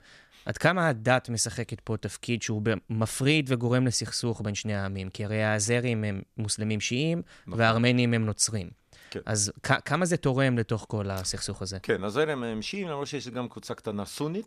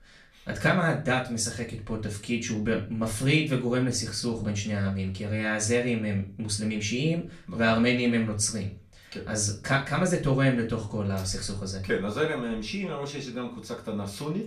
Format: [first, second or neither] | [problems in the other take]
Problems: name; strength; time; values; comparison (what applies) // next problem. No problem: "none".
first | off-mic speech; far // room echo; slight; dies away in 0.3 s